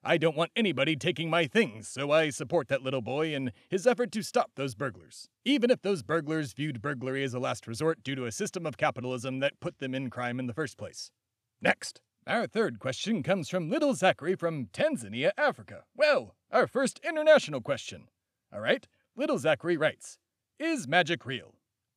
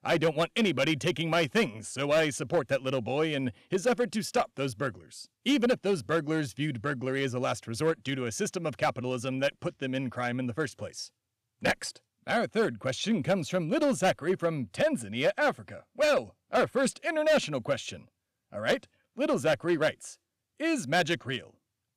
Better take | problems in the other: first | distortion; slight; 4% of the sound clipped

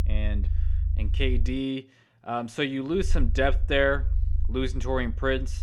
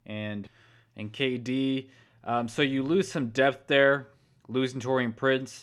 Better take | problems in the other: second | low rumble; faint; until 1.5 s and from 3 s on; 20 dB below the speech

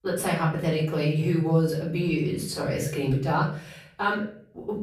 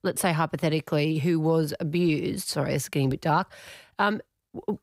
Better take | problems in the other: second | room echo; noticeable; dies away in 0.5 s // off-mic speech; far

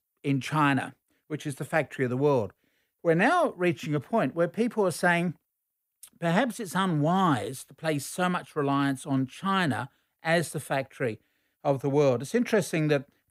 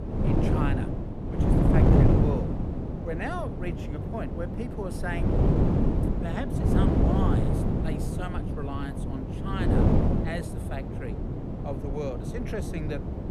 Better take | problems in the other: first | wind noise on the microphone; heavy; 4 dB above the speech

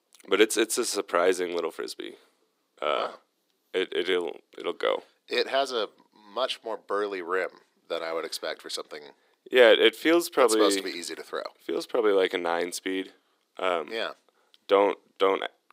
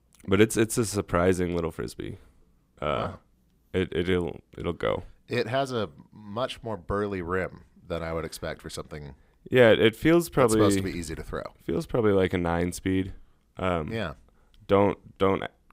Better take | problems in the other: second | thin; somewhat; fading below 350 Hz

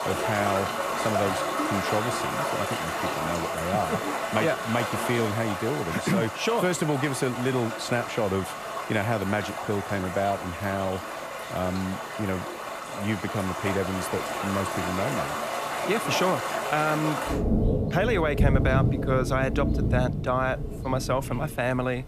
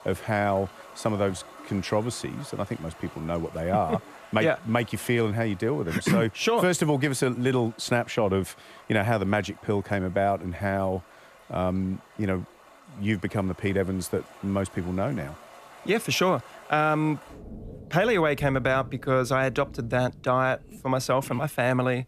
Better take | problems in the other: second | rain or running water; loud; throughout; 1 dB below the speech; faint in the second

